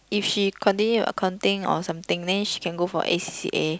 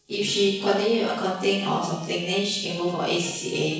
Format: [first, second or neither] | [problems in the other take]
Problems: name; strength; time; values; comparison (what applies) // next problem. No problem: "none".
first | noise reduction (neural separator model SepFormer DNS4)